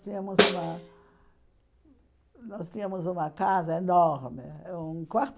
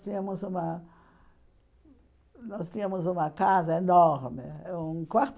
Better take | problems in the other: second | background sound (Snare drum); 1 dB above the speech

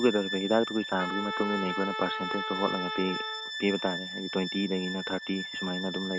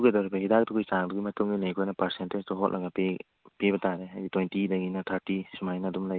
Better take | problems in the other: second | background sound (Trumpet + Bowed string instrument); 5 dB below the speech

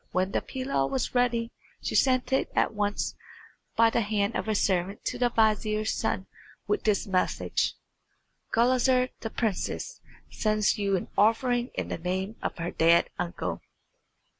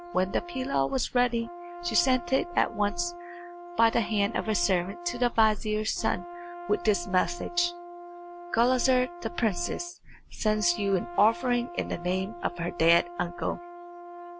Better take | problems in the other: first | background sound (Brass instrument); 13 dB below the speech

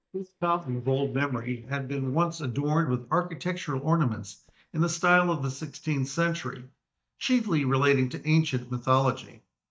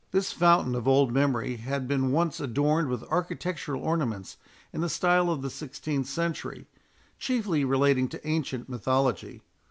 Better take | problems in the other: second | noise reduction (neural mask model DeepFilterNet 3)

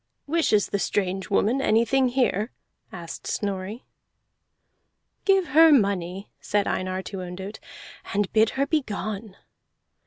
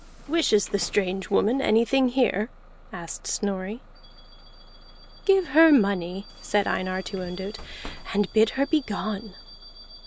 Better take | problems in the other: first | background sound (Bus / Alarm); 19 dB below the speech

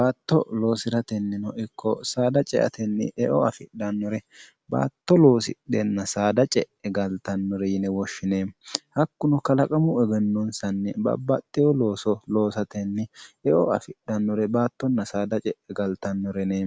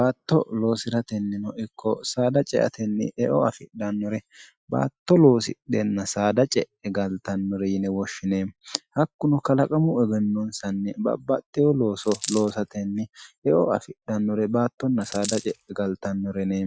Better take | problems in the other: first | noise reduction (classical method Wiener filter)

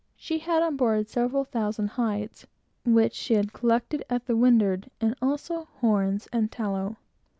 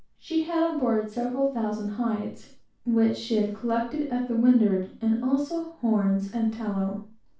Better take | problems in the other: first | room echo; dies away in 0.3 s

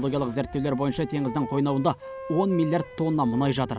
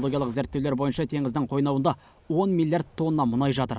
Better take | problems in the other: second | background sound (Wind instrument, woodwind instrument); 14 dB below the speech

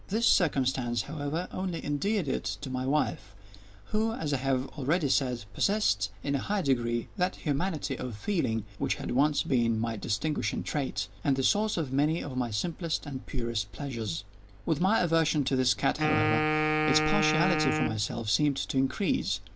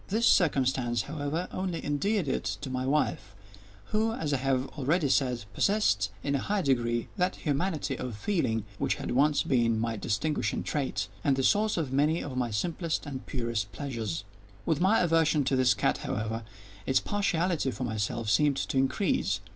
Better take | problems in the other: second | background sound (Wind instrument, woodwind instrument); 1 dB below the speech

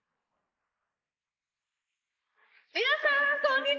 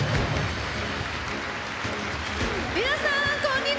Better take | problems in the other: second | noise reduction (neural mask model Resemble Enhance denoiser)

